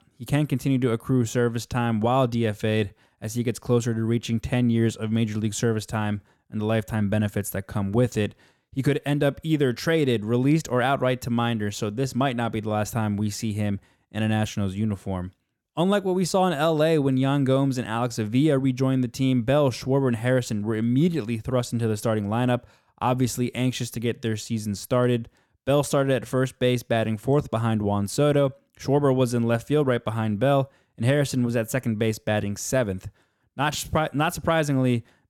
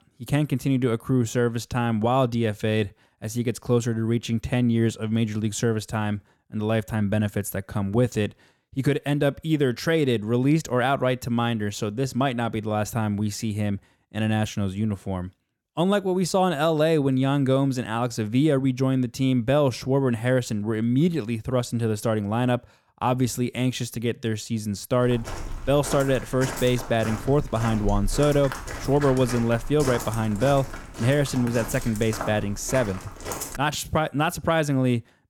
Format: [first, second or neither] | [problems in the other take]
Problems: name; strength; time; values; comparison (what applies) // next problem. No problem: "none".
first | footsteps; noticeable; from 25 to 34 s; peak 7 dB below the speech